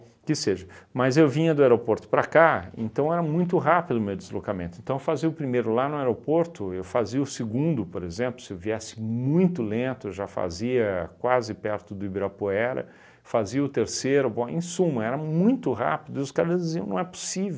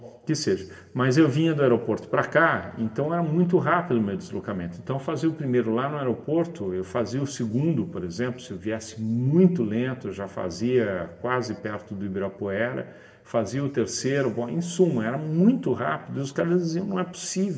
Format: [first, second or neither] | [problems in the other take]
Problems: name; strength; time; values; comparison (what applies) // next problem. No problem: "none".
first | room echo; dies away in 1.3 s